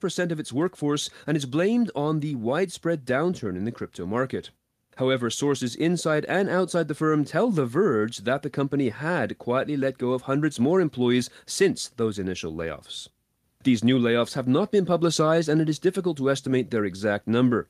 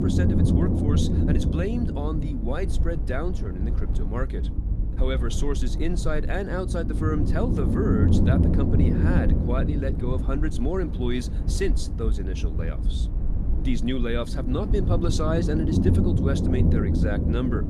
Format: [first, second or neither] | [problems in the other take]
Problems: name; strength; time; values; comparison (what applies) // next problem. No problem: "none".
first | low rumble; loud; throughout; 2 dB below the speech